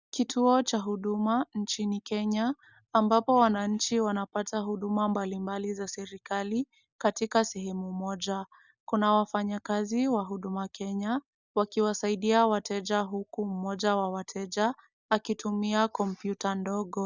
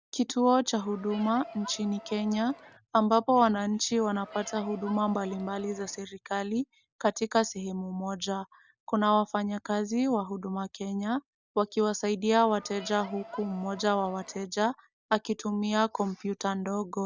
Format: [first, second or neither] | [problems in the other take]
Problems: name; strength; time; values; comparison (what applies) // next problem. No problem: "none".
first | background sound (Crowd); 17 dB below the speech